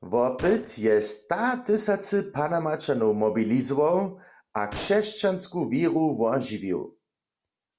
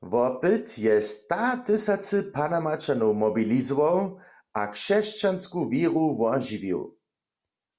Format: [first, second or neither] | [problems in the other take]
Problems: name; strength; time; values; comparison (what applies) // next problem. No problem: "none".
second | background sound (Gunshot, gunfire); 19 dB below the speech